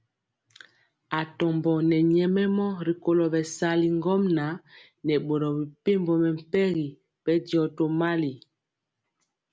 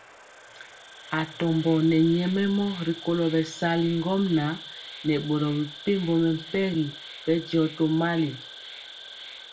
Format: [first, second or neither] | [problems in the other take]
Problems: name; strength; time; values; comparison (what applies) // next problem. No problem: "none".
first | background sound (Insect); 16 dB below the speech // room echo; dies away in 0.2 s